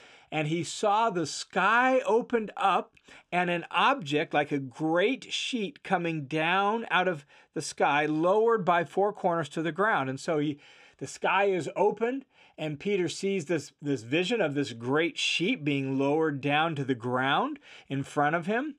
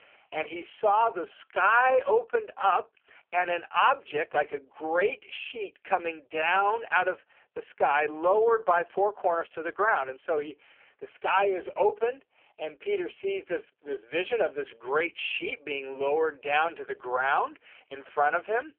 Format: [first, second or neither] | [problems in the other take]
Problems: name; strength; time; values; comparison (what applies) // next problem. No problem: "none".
first | phone-call audio; poor line; nothing above 3 kHz